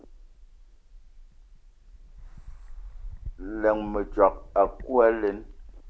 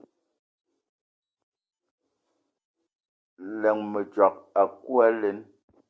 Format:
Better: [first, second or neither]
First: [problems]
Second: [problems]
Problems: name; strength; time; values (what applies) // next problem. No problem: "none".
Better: second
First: background sound (Bird); 13 dB below the speech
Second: none